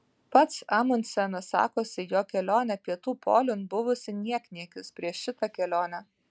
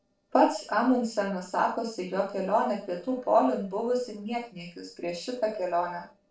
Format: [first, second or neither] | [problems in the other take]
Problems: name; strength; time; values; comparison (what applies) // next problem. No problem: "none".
first | noise reduction (neural separator model SepFormer DNS4)